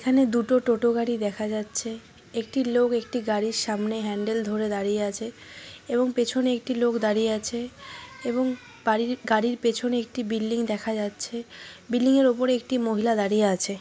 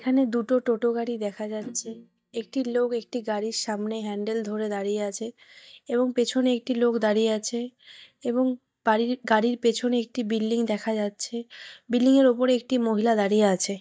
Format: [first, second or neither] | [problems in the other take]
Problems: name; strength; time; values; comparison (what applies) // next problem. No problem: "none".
first | noise reduction (neural mask model DeepFilterNet 3)